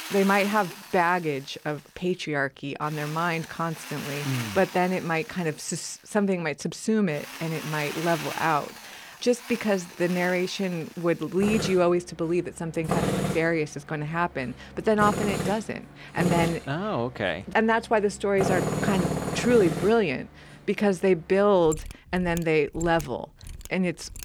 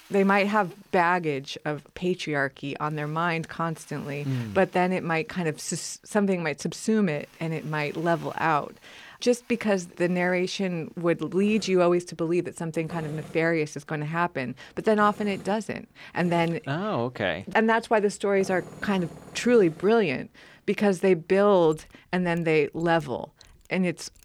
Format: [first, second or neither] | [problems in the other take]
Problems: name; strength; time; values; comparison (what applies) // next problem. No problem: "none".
second | machinery noise; loud; throughout; 7 dB below the speech; faint in the second